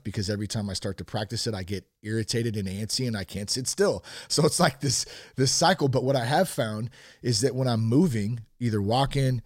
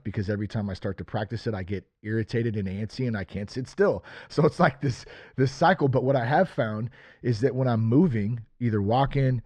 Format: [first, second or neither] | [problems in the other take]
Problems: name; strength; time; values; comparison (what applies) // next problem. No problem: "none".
first | muffled; very; fading above 2 kHz